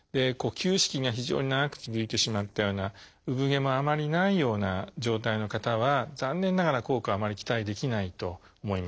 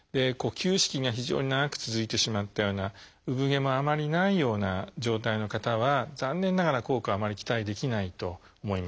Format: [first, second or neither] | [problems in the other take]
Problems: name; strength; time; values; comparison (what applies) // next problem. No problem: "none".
second | noise reduction (neural separator model SepFormer DNS4)